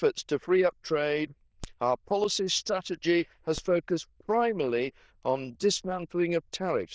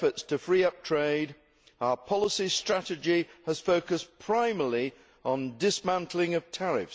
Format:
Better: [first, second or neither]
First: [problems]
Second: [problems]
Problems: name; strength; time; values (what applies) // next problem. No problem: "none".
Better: second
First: noise reduction (neural diffusion model UNIVERSE++)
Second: none